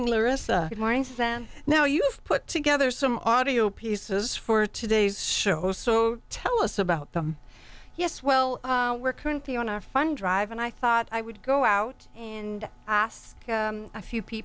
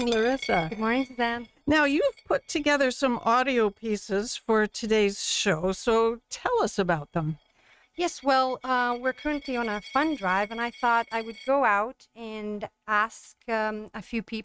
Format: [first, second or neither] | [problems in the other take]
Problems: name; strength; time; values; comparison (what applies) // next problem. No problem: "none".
first | noise reduction (neural mask model RNNoise)